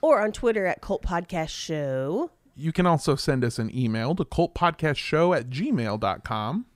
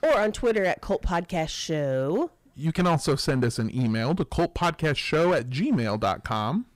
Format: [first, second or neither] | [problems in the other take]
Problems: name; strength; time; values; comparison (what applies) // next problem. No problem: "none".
first | distortion; slight; 7% of the sound clipped